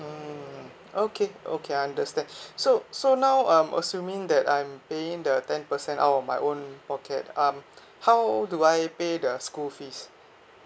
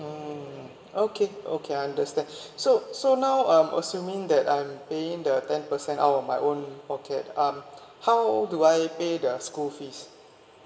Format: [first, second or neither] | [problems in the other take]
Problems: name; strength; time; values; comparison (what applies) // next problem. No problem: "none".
first | room echo; dies away in 2 s